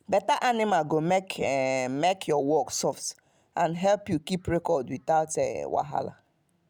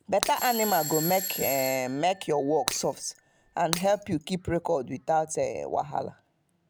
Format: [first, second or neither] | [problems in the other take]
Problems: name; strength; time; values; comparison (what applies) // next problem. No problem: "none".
first | background sound (Bell / Doorbell + Shatter); 7 dB below the speech